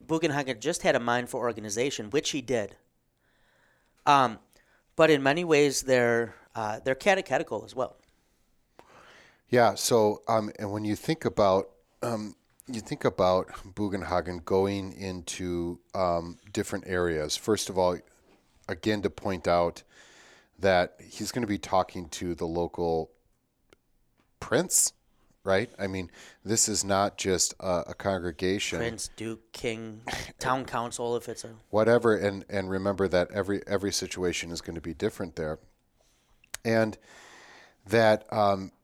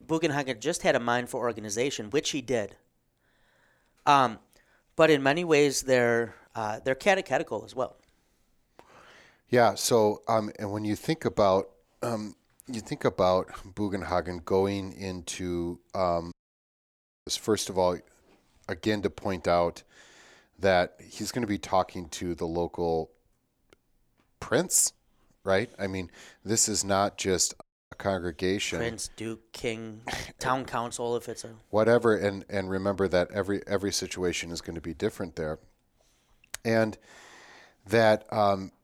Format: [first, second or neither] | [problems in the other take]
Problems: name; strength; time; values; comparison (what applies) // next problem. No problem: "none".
first | audio cutting out; at 16 s for 1 s and at 28 s